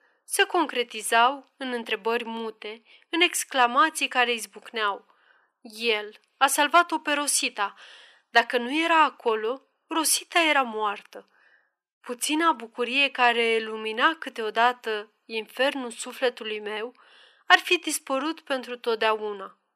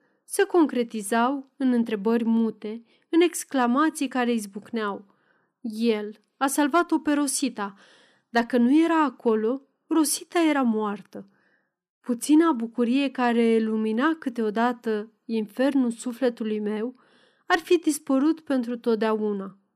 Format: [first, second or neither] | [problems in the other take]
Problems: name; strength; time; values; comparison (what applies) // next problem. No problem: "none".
second | thin; very; fading below 700 Hz